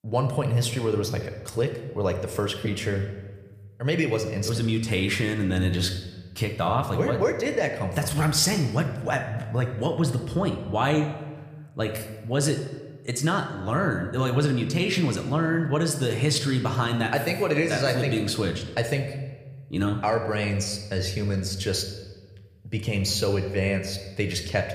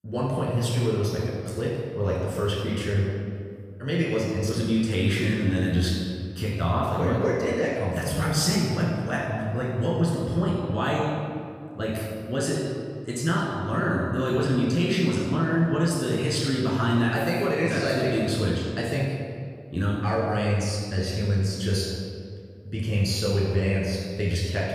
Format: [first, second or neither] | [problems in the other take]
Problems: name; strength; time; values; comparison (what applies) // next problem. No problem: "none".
first | room echo; strong; dies away in 1.9 s; slight in the first // off-mic speech; far